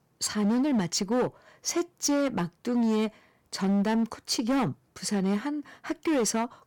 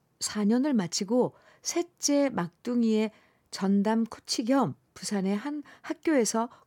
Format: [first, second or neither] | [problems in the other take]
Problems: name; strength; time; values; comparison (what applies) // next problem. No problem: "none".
second | distortion; slight; 13% of the sound clipped